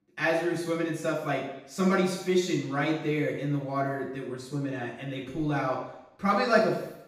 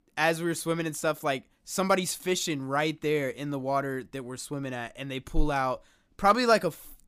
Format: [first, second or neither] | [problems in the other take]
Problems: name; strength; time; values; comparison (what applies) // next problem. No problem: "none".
second | room echo; noticeable; dies away in 0.8 s // off-mic speech; far